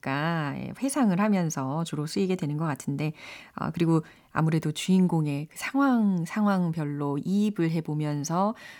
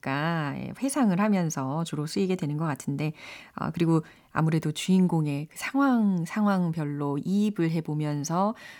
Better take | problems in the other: neither | none

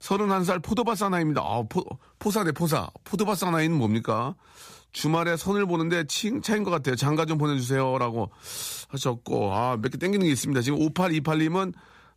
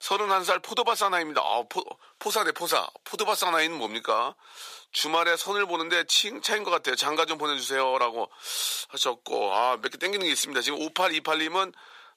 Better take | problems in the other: first | thin; very; fading below 500 Hz

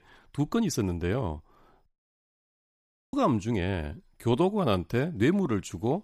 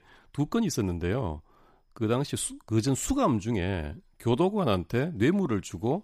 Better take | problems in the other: second | audio cutting out; at 2 s for 1.5 s

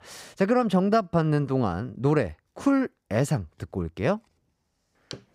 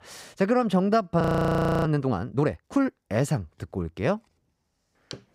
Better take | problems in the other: first | audio freezing; at 1 s for 0.5 s

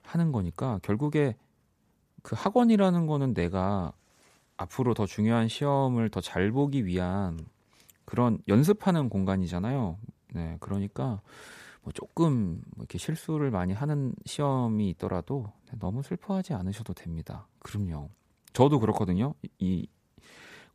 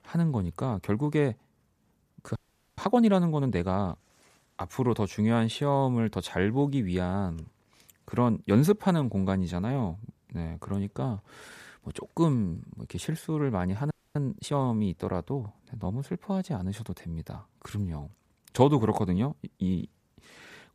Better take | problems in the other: first | audio freezing; at 2.5 s and at 14 s

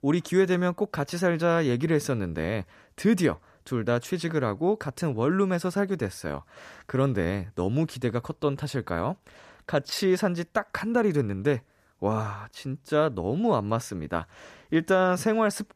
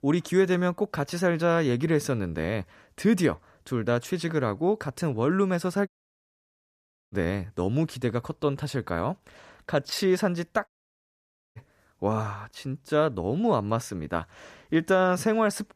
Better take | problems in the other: first | audio cutting out; at 6 s for 1 s and at 11 s for 1 s

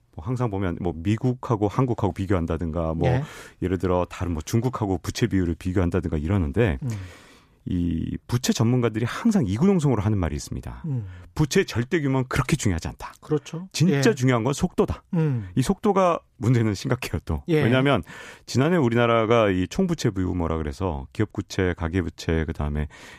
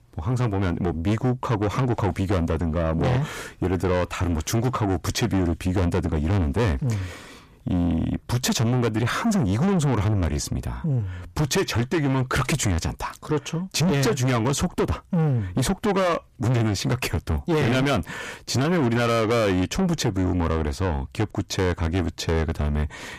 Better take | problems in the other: first | distortion; heavy; 6 dB below the speech

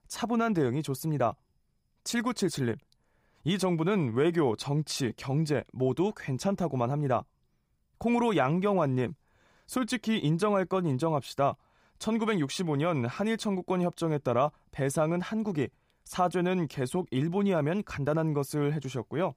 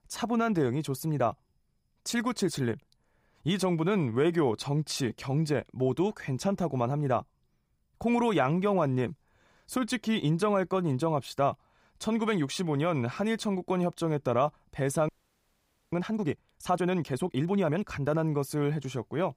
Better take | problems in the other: first | audio freezing; at 15 s for 1 s

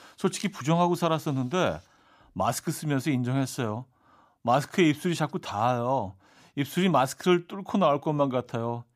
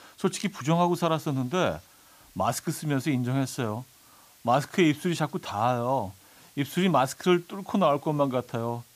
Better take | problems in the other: first | hiss; faint; throughout; 25 dB below the speech

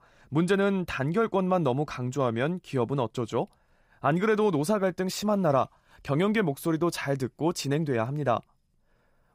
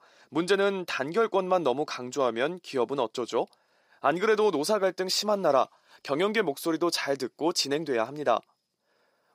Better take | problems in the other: first | thin; somewhat; fading below 400 Hz

